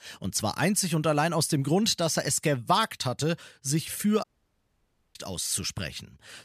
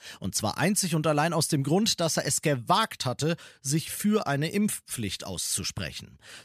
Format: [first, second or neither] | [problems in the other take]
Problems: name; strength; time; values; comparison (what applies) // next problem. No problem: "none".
second | audio cutting out; at 4 s for 1 s